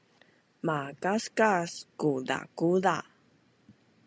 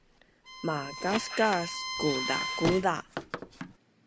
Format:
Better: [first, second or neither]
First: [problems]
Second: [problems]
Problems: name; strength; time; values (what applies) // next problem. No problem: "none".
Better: first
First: none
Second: background sound (Bowed string instrument + Squeak); 4 dB below the speech